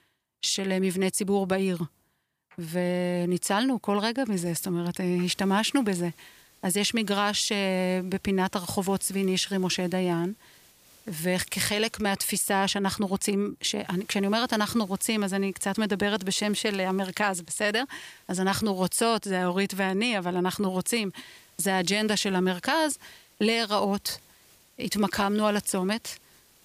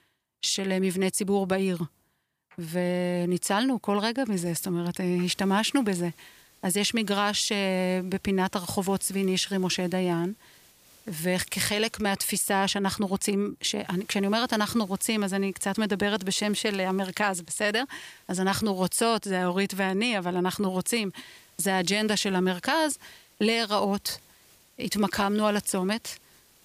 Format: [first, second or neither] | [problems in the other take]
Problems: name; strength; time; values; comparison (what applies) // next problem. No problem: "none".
neither | hiss; faint; from 5 to 12 s, from 14 to 19 s and from 21 s on; 30 dB below the speech; the same in both